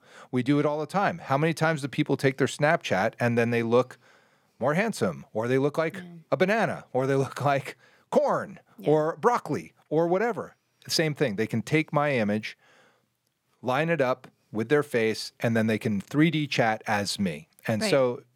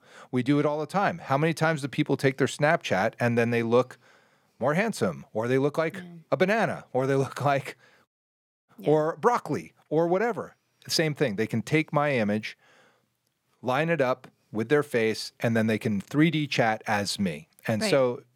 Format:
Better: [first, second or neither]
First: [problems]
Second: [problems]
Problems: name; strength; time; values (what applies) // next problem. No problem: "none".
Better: first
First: none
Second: audio cutting out; at 8 s for 0.5 s